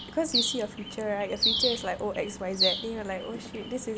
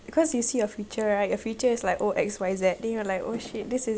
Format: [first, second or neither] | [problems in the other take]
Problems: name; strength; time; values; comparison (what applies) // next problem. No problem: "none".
second | background sound (Bird); as loud as the speech